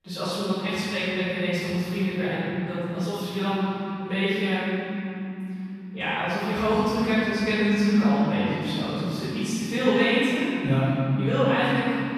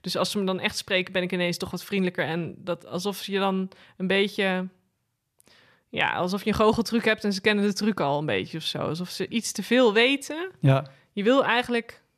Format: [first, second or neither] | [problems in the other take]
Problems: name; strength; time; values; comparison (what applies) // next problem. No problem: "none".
second | room echo; strong; dies away in 3 s // off-mic speech; far